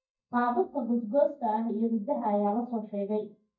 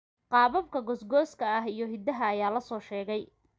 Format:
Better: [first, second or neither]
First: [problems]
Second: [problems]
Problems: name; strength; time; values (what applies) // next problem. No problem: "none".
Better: second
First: noise reduction (neural mask model DeepFilterNet 3)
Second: none